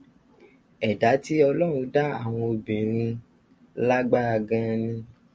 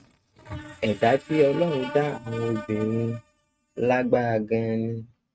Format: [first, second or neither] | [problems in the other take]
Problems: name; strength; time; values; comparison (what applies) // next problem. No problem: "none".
first | noise reduction (neural mask model RNNoise)